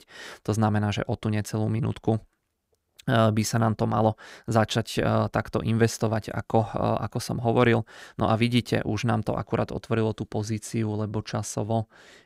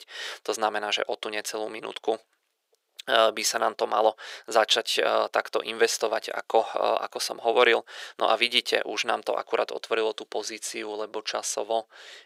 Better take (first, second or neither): first